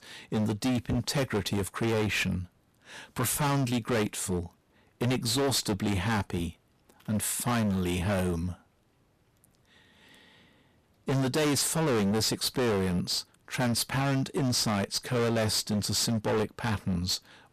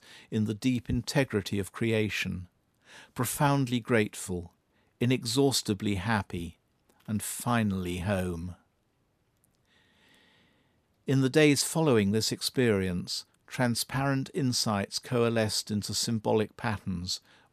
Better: second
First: distortion; heavy; 21% of the sound clipped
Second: none

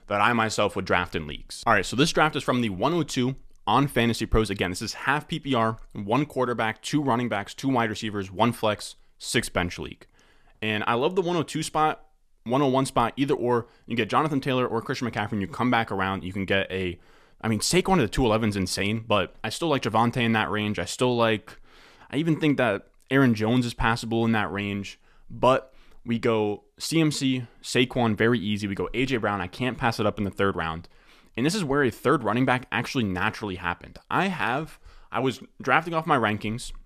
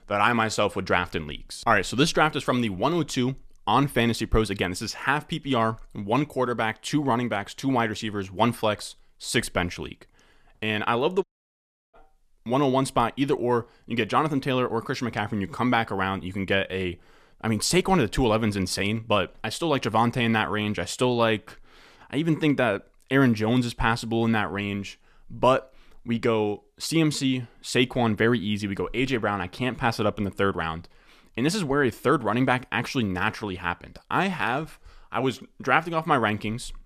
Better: first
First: none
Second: audio cutting out; at 11 s for 0.5 s

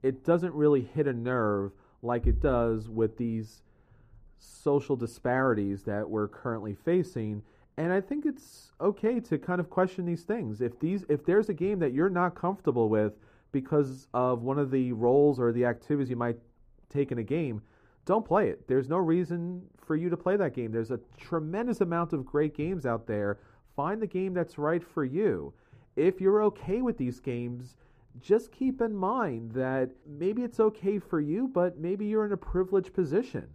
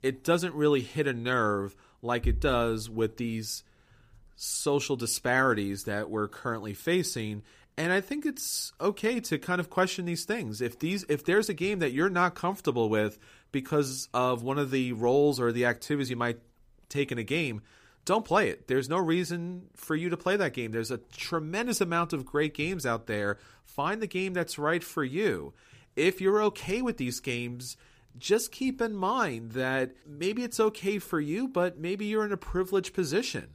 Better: second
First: muffled; very; fading above 2 kHz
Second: none

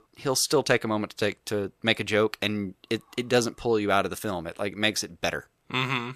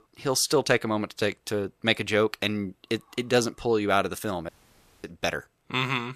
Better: first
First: none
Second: audio cutting out; at 4.5 s for 0.5 s

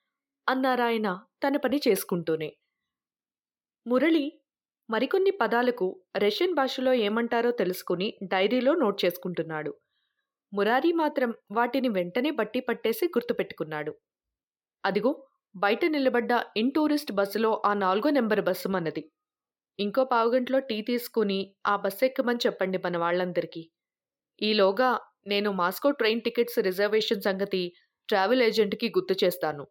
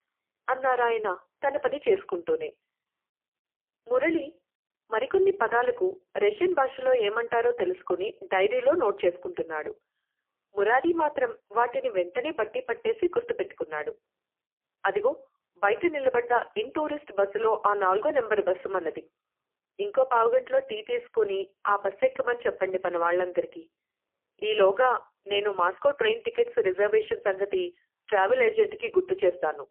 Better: first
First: none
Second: phone-call audio; poor line; nothing above 3 kHz

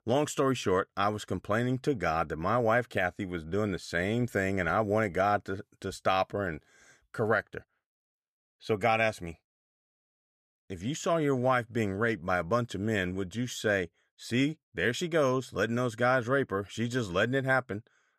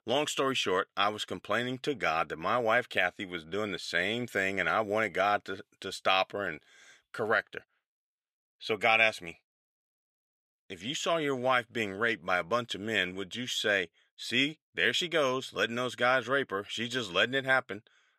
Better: first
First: none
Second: thin; very slightly; fading below 750 Hz

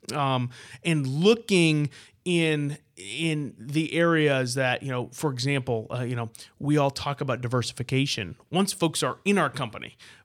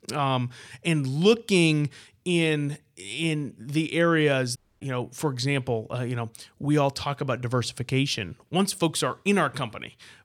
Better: first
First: none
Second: audio cutting out; at 4.5 s

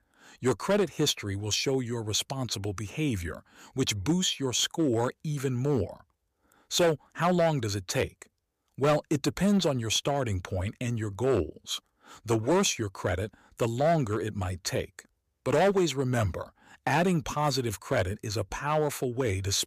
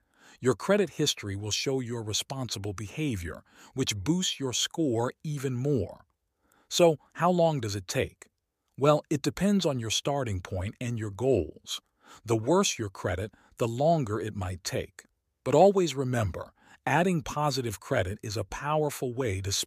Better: second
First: distortion; slight; 4% of the sound clipped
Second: none

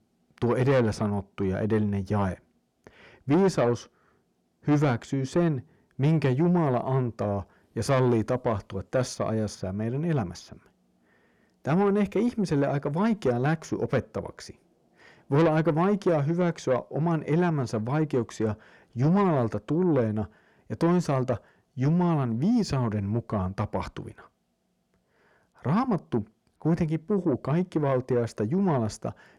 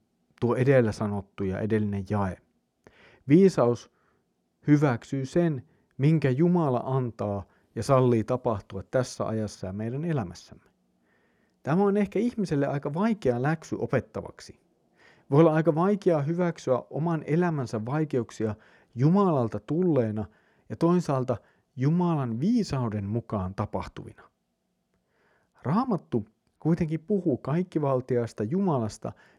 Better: second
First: distortion; slight; 10 dB below the speech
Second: none

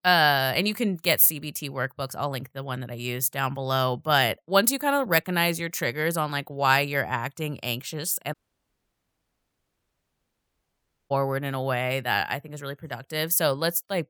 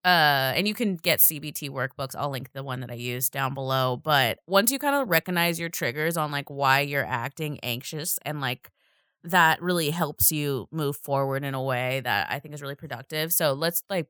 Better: second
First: audio cutting out; at 8.5 s for 3 s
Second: none

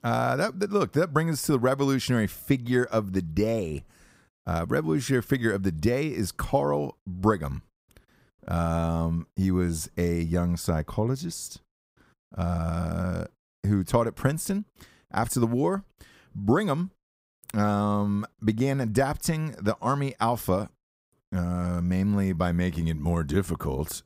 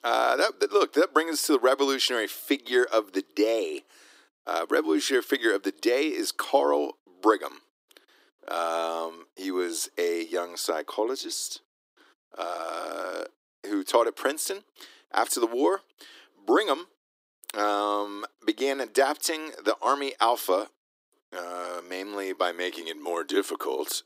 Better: first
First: none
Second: thin; very; fading below 300 Hz

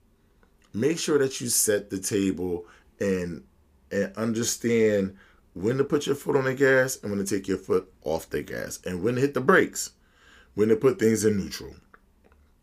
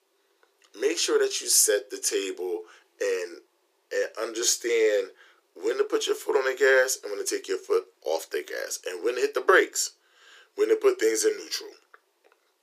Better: first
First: none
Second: thin; very; fading below 350 Hz

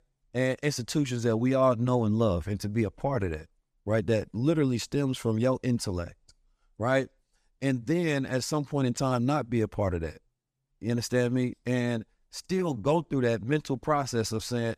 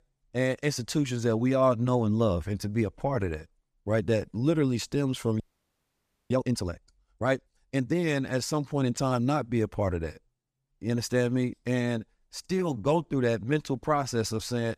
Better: first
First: none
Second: audio freezing; at 5.5 s for 1 s

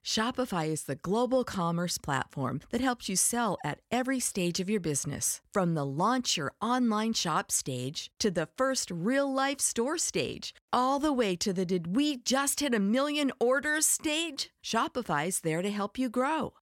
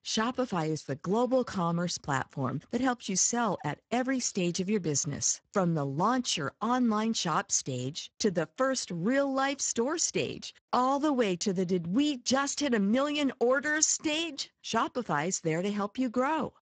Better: first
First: none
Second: garbled, watery; badly; nothing above 7.5 kHz

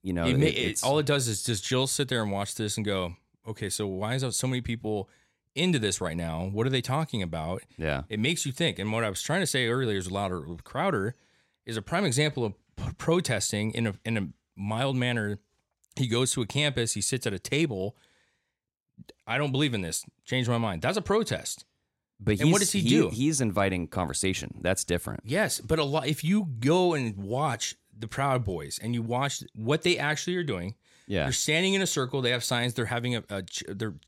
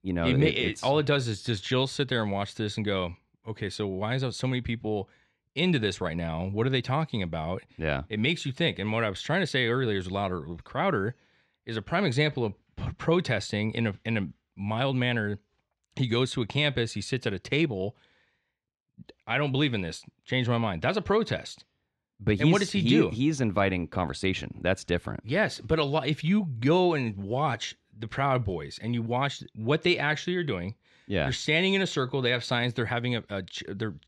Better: first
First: none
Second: muffled; slightly; fading above 3 kHz

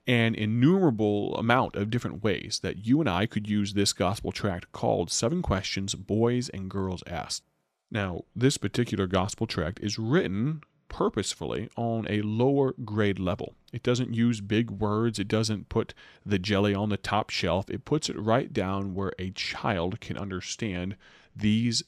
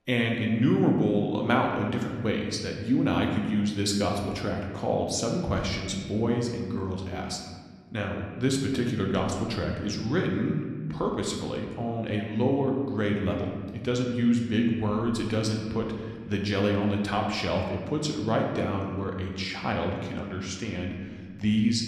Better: first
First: none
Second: room echo; noticeable; dies away in 1.4 s

